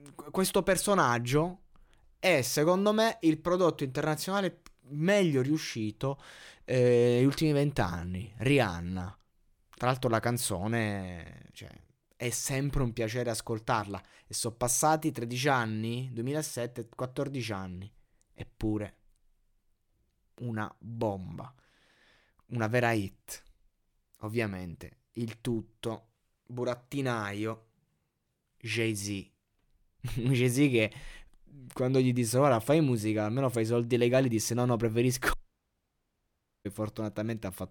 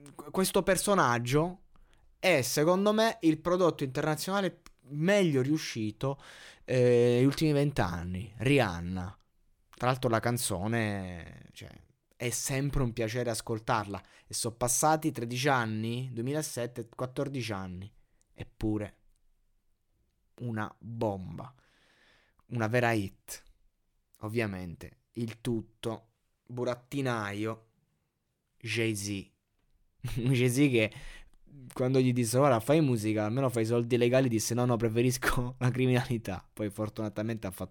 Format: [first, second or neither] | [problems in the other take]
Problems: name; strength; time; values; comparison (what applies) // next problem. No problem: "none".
second | audio cutting out; at 35 s for 1.5 s